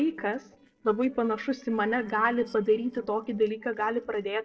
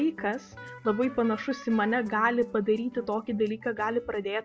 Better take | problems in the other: second | noise reduction (neural separator model SepFormer DNS4)

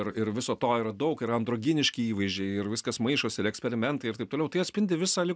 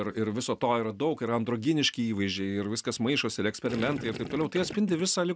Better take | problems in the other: first | background sound (Gurgling); 10 dB below the speech

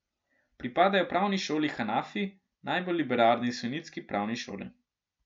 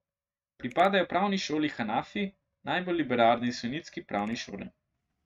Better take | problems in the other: first | noise reduction (neural mask model RNNoise)

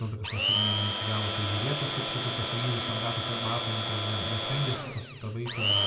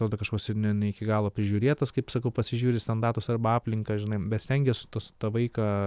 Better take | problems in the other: second | background sound (Domestic sounds, home sounds); 2 dB above the speech // room echo; dies away in 1.9 s

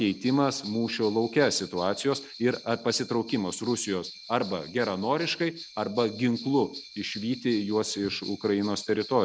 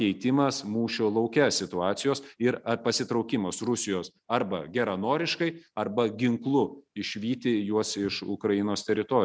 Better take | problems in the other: second | background sound (Bell); 17 dB below the speech

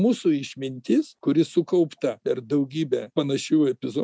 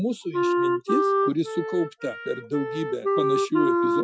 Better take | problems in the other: first | noise reduction (classical method Wiener filter)

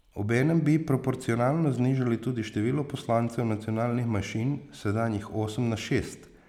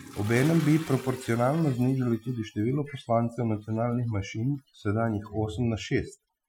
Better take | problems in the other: first | noise reduction (classical method Wiener filter)

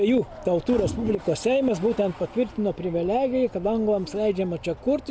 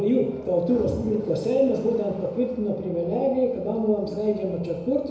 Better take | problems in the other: first | room echo; dies away in 1 s

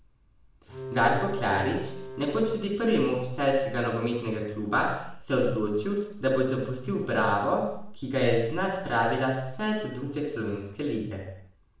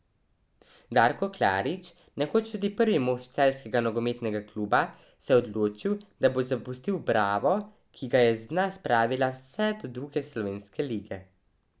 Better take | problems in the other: second | background sound (Bowed string instrument); 11 dB below the speech // room echo; dies away in 0.7 s

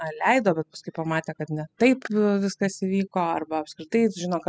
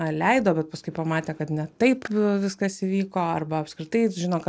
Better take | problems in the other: second | noise reduction (classical method spectral subtraction)

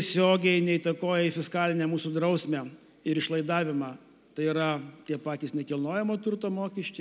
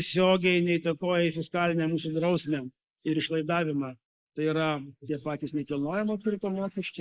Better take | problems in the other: first | noise reduction (neural mask model Resemble Enhance denoiser)

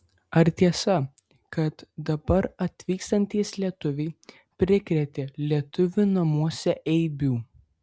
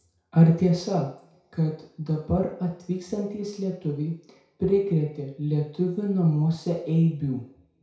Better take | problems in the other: first | room echo; dies away in 0.6 s

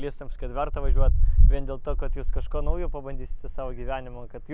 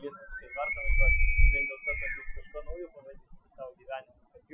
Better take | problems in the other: first | noise reduction (classical method Wiener filter)

